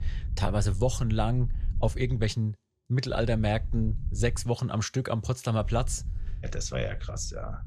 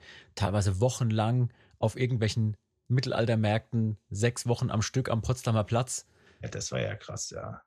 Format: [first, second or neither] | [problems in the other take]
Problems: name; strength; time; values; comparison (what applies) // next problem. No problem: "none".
second | low rumble; faint; until 2.5 s, from 3 to 4.5 s and from 5.5 s on; 20 dB below the speech